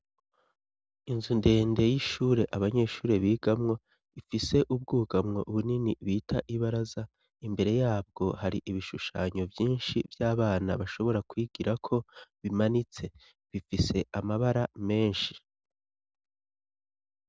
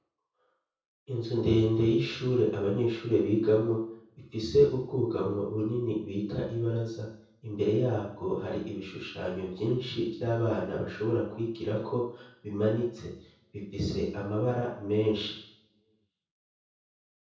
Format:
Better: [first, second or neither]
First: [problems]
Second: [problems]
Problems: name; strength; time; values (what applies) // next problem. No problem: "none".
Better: first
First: none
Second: room echo; dies away in 0.6 s